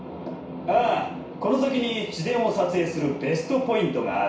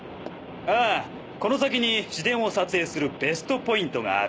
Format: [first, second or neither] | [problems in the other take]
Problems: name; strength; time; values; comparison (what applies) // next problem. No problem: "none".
second | room echo; dies away in 0.6 s